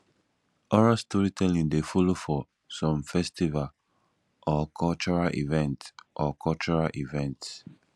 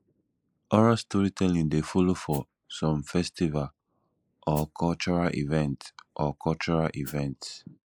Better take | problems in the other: first | noise reduction (neural mask model Resemble Enhance denoiser)

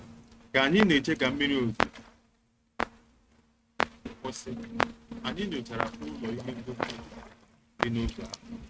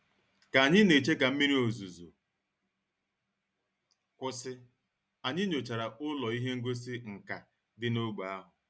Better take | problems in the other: second | noise reduction (neural mask model RNNoise)

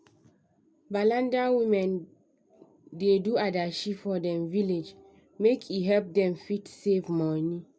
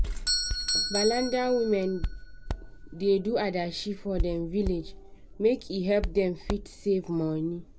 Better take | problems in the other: first | background sound (Hands + Doorbell); 5 dB below the speech

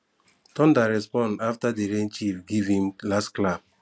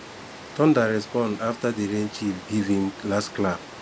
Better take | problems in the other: first | background sound (Water); 16 dB below the speech

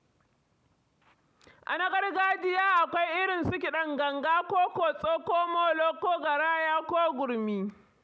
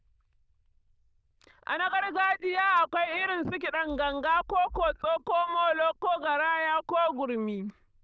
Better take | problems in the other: first | noise reduction (neural diffusion model UNIVERSE++)

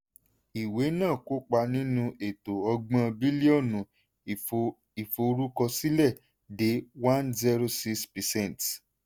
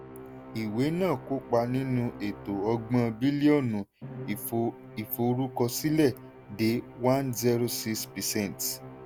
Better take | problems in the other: first | background sound (Musical instrument); 16 dB below the speech

